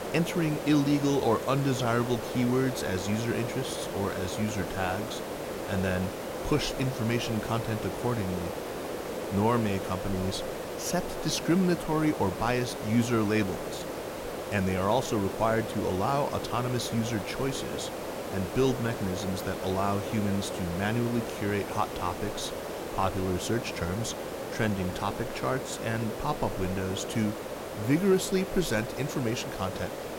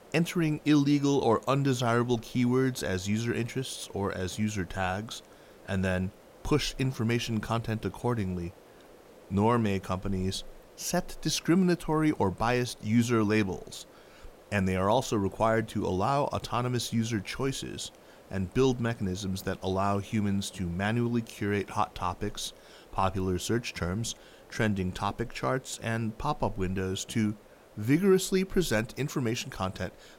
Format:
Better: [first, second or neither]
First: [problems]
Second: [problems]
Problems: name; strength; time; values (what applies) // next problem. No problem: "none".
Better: second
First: hiss; loud; throughout; 6 dB below the speech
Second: hiss; faint; throughout; 25 dB below the speech